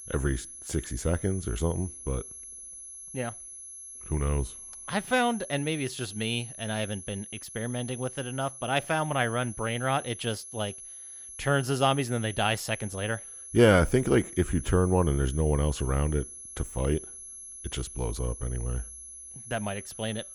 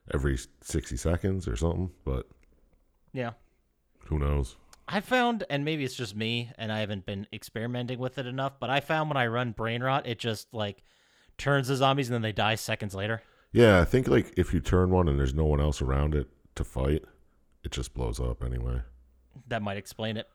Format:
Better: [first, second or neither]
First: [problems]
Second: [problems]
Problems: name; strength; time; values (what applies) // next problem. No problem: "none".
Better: second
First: high-pitched whine; noticeable; throughout; 11 kHz, 10 dB below the speech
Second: none